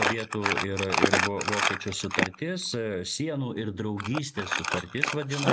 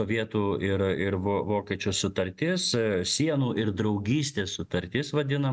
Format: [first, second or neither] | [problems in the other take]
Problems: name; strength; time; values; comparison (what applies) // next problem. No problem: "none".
second | background sound (Crumpling, crinkling); 2 dB above the speech